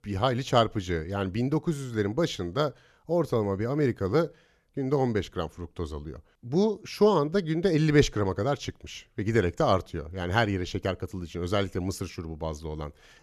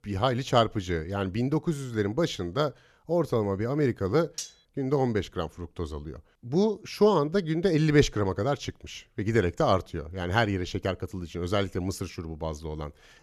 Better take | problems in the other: first | clattering dishes; noticeable; at 4.5 s; peak 10 dB below the speech

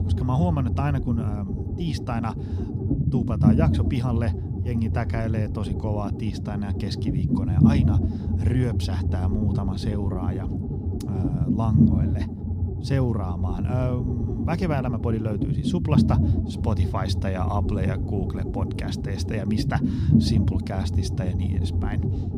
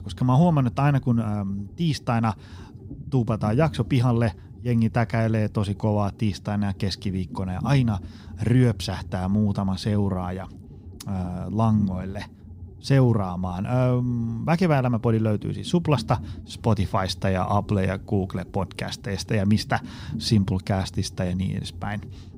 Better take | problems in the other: second | low rumble; loud; throughout; 1 dB below the speech; faint in the second

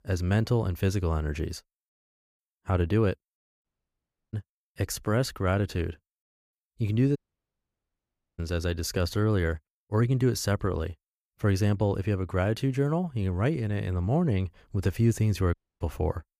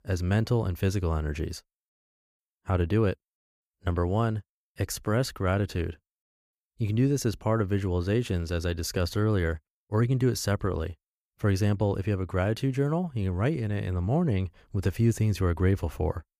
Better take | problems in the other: second | audio cutting out; at 3.5 s for 0.5 s, at 7 s for 1 s and at 16 s

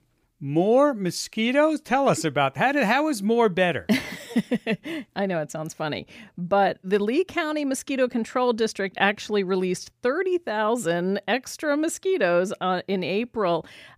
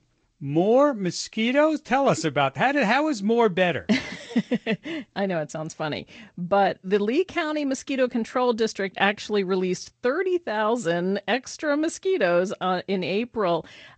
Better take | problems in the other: first | garbled, watery; slightly; nothing above 8 kHz

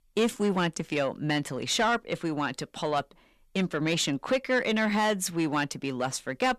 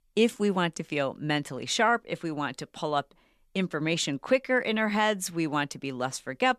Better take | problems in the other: second | distortion; slight; 10 dB below the speech

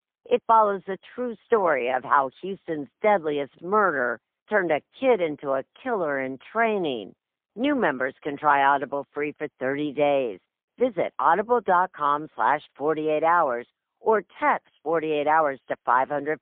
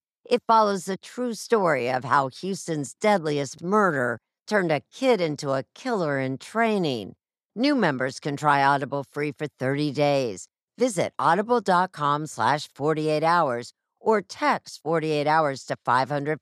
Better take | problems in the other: second | phone-call audio; poor line; nothing above 3.5 kHz

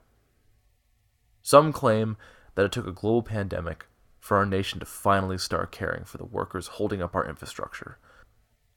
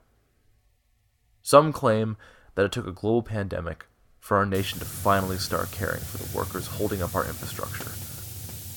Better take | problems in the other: first | hiss; loud; from 4.5 s on; 9 dB below the speech

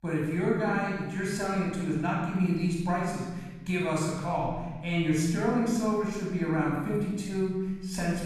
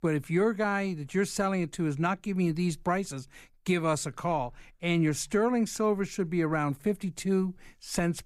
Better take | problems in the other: second | off-mic speech; far // room echo; strong; dies away in 1.4 s

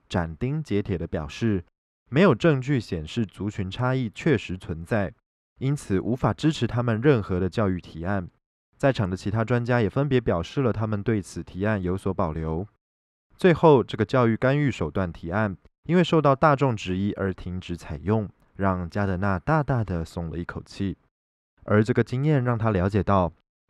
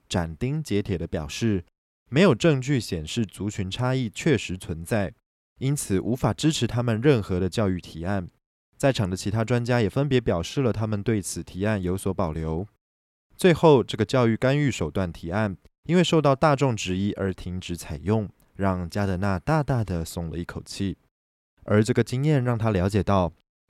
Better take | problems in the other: second | muffled; slightly; fading above 2.5 kHz

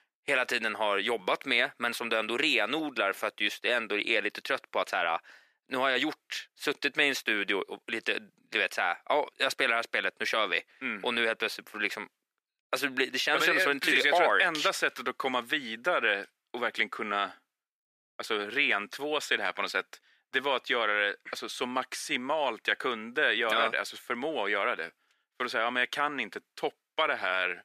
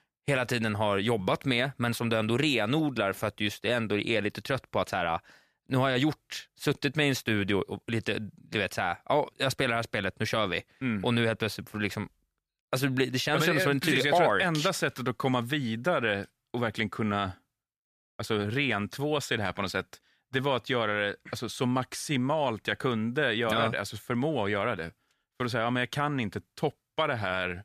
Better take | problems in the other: second | thin; somewhat; fading below 300 Hz

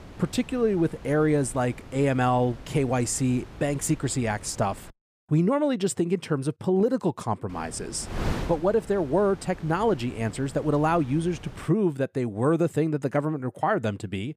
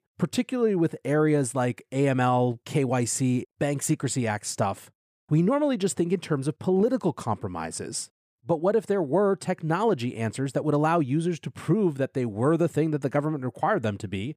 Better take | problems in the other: second | wind noise on the microphone; occasional gusts; until 5 s and from 7.5 to 12 s; 15 dB below the speech

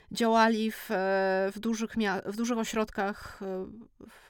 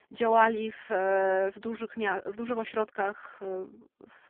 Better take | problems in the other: first | phone-call audio; poor line; nothing above 3 kHz

